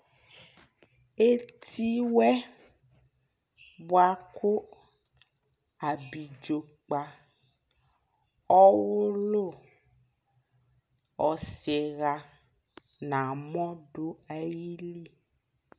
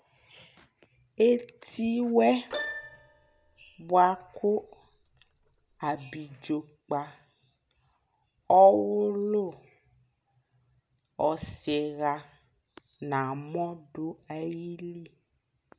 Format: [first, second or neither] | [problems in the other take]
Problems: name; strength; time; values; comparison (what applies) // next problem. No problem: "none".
first | background sound (Keyboard (musical)); 14 dB below the speech